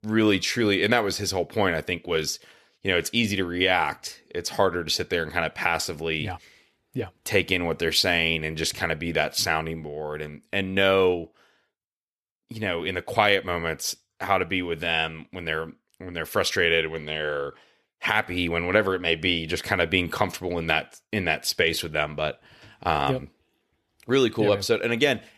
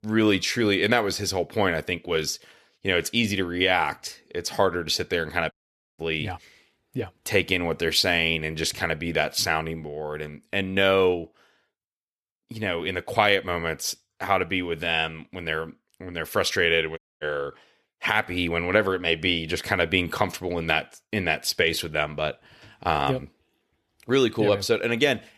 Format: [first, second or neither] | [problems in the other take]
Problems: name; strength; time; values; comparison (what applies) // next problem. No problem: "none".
first | audio cutting out; at 5.5 s and at 17 s